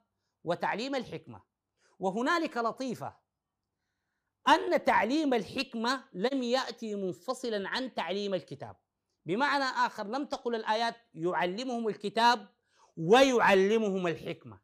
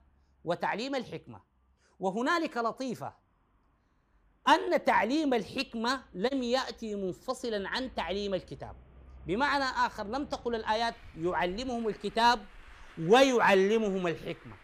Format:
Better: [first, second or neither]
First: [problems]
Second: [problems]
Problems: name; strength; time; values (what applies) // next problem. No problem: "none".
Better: first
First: none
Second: traffic noise; faint; throughout; 25 dB below the speech